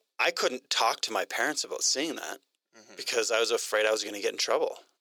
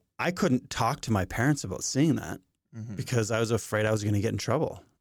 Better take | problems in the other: second | thin; very; fading below 450 Hz

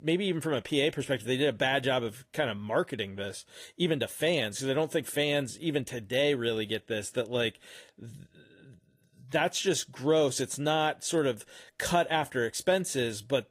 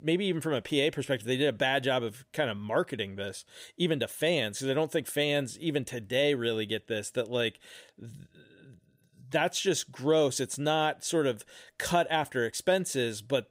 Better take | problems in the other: second | garbled, watery; slightly; nothing above 15 kHz

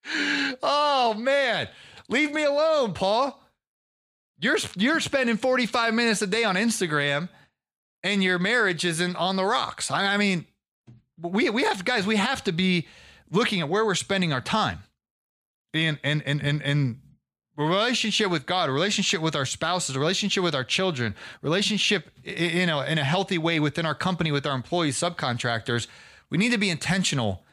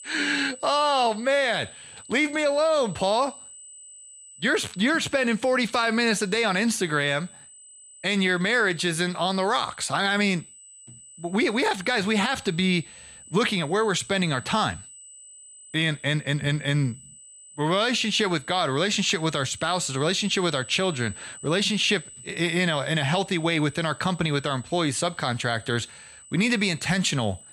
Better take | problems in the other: first | high-pitched whine; noticeable; throughout; 8 kHz, 20 dB below the speech

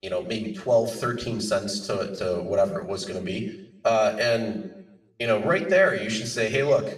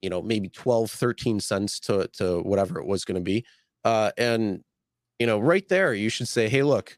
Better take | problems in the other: second | room echo; slight; dies away in 0.7 s // off-mic speech; far

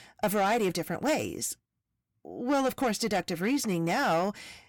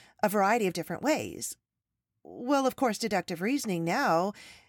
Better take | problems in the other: second | distortion; slight; 10 dB below the speech

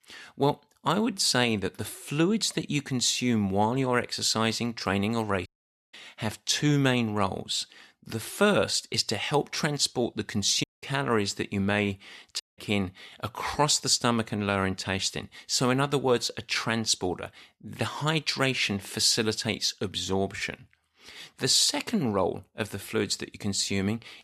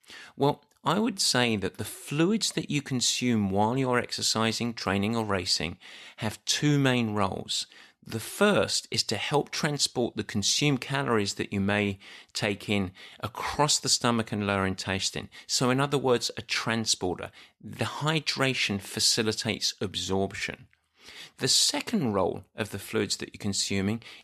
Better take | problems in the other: second | audio cutting out; at 5.5 s, at 11 s and at 12 s

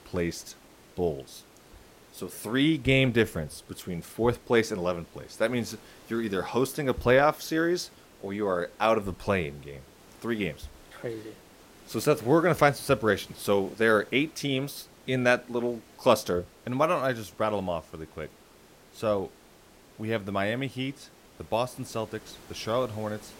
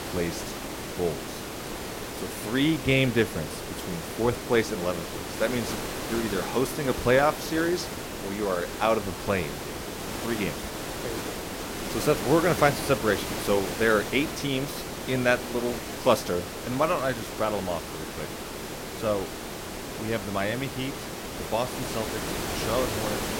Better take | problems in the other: first | hiss; loud; throughout; 6 dB below the speech; faint in the first

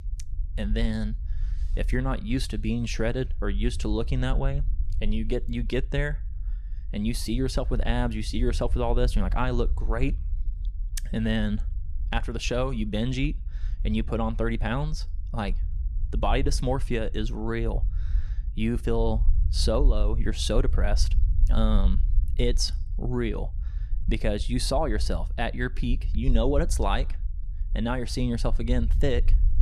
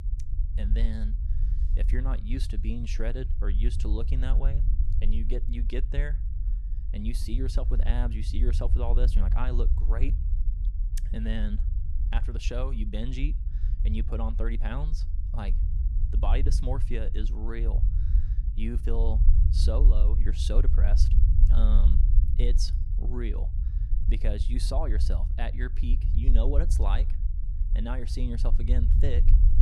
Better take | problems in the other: first | low rumble; loud; throughout; 9 dB below the speech; faint in the first

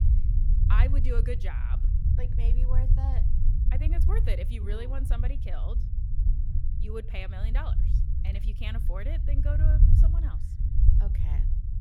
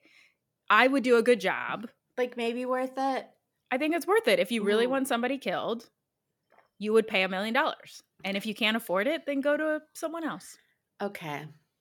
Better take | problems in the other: second | low rumble; loud; throughout; 4 dB below the speech

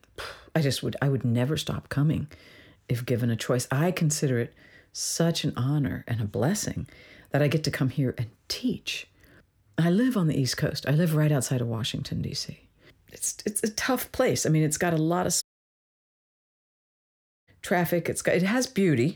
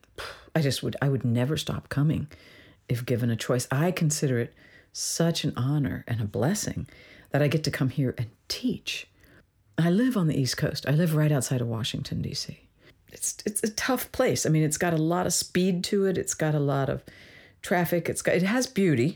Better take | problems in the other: second | audio cutting out; at 15 s for 2 s

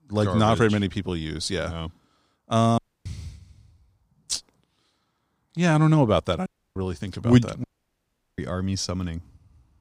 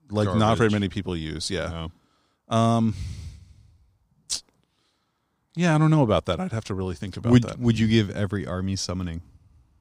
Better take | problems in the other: second | audio cutting out; at 3 s, at 6.5 s and at 7.5 s for 0.5 s

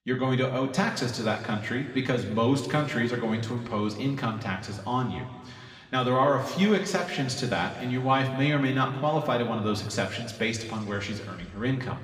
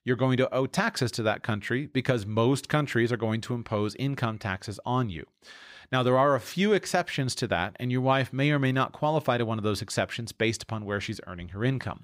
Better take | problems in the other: second | room echo; slight; dies away in 1.7 s // off-mic speech; somewhat distant

